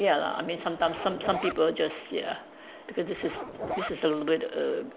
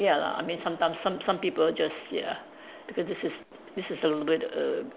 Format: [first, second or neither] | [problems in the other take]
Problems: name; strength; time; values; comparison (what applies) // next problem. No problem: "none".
second | background sound (Zipper (clothing)); 9 dB below the speech